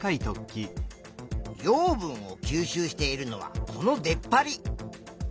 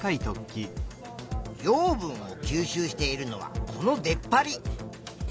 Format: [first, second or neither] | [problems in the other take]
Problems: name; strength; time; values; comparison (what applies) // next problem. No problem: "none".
first | background sound (Burping, eructation); 16 dB below the speech